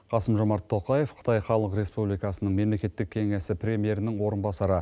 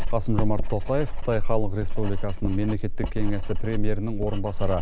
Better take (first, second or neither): first